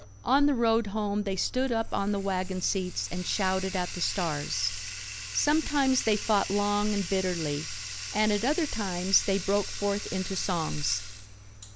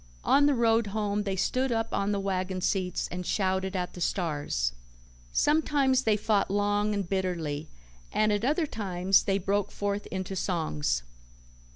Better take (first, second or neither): second